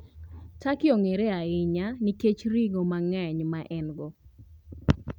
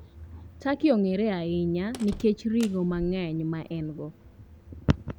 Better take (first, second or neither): first